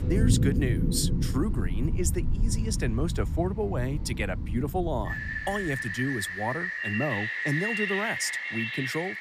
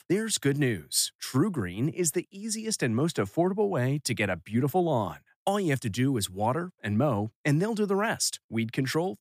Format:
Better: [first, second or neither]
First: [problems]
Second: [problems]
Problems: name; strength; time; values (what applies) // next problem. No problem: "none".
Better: second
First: rain or running water; very loud; throughout; 2 dB above the speech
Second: none